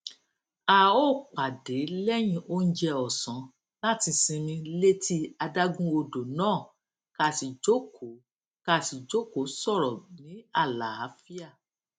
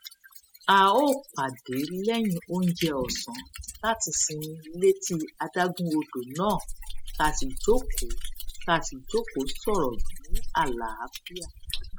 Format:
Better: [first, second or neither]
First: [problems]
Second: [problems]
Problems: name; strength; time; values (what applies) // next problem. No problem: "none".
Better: first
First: none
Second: noise reduction (classical method spectral subtraction)